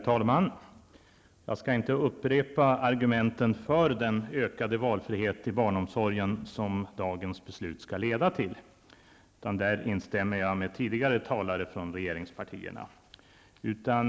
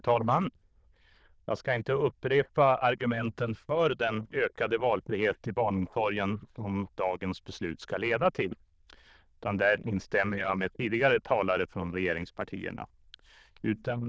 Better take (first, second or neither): first